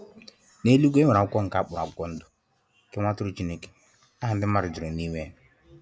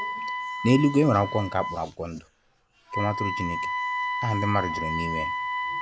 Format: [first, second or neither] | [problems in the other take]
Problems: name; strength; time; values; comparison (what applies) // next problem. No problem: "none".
first | background sound (Wind instrument, woodwind instrument); 4 dB below the speech